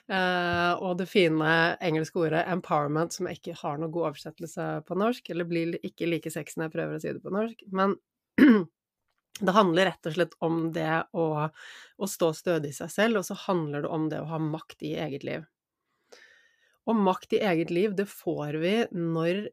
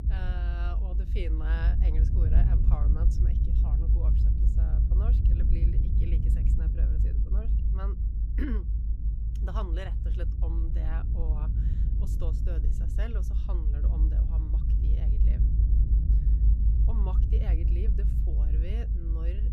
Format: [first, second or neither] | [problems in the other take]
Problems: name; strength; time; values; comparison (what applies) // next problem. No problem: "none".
first | low rumble; loud; throughout; 1 dB below the speech